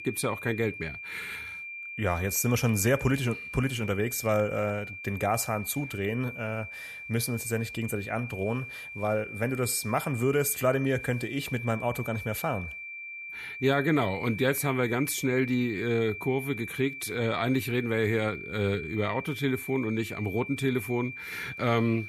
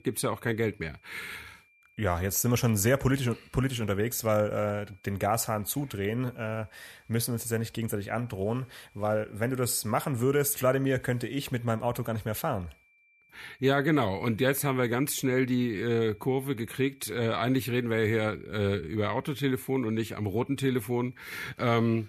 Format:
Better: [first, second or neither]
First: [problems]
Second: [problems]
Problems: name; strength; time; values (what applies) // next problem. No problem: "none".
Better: second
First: high-pitched whine; loud; throughout; 2.5 kHz, 9 dB below the speech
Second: high-pitched whine; faint; throughout; 2.5 kHz, 35 dB below the speech